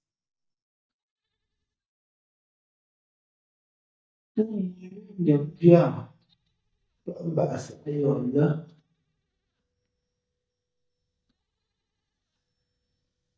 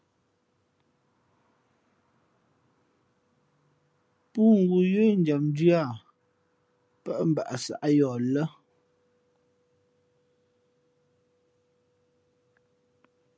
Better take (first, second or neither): second